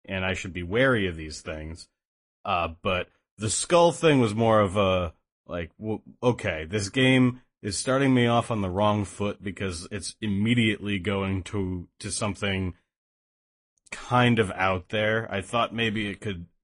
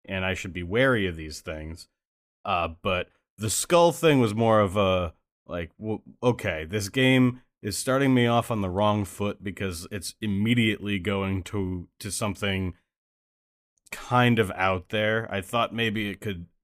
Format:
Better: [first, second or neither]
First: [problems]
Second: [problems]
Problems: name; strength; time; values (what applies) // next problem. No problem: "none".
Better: second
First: garbled, watery; slightly; nothing above 10 kHz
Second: none